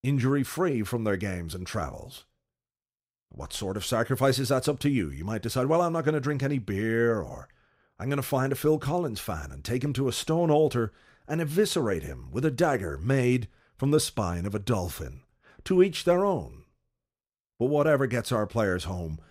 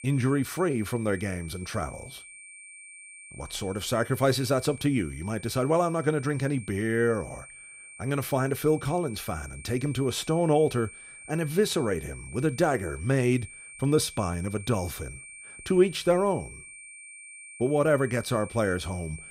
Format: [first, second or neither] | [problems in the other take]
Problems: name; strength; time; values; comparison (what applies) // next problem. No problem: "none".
first | high-pitched whine; noticeable; throughout; 2.5 kHz, 15 dB below the speech